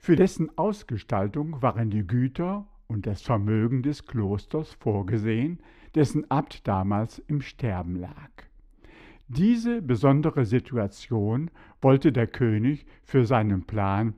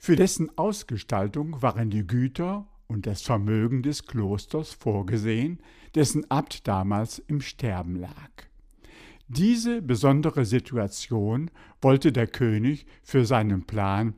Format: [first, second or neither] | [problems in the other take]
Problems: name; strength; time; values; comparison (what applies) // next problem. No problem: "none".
second | muffled; slightly; fading above 4 kHz